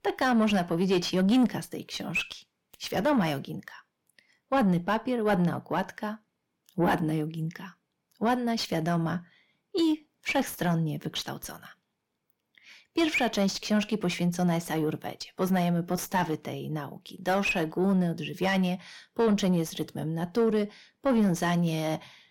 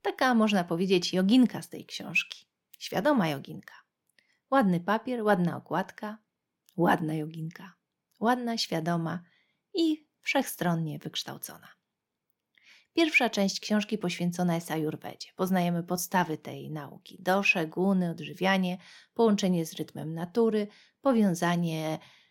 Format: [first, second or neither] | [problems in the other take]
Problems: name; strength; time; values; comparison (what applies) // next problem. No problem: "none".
second | distortion; slight; 10 dB below the speech